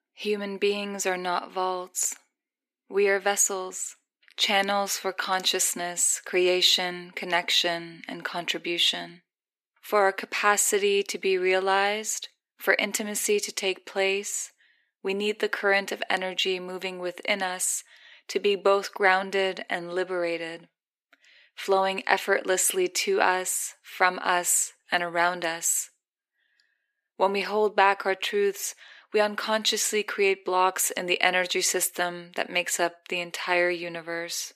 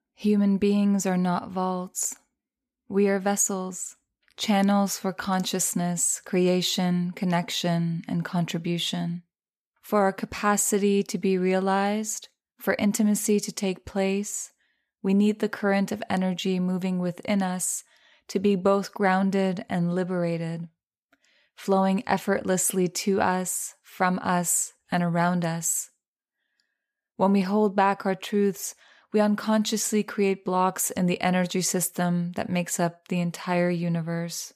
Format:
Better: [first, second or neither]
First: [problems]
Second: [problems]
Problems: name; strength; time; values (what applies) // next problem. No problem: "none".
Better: second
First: thin; very; fading below 300 Hz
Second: none